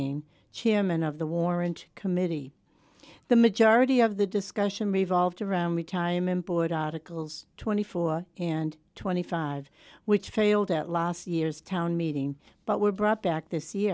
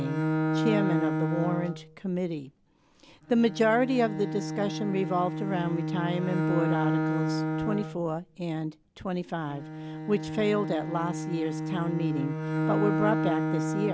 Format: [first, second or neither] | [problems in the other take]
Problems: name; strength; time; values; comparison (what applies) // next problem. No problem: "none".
first | background sound (Bowed string instrument); 1 dB below the speech